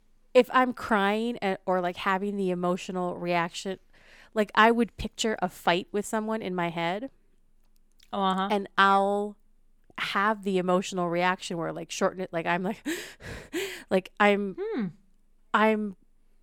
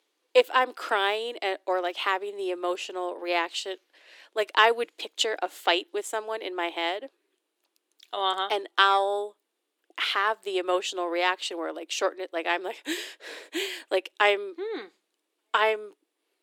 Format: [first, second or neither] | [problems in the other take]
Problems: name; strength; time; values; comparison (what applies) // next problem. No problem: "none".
first | thin; very; fading below 300 Hz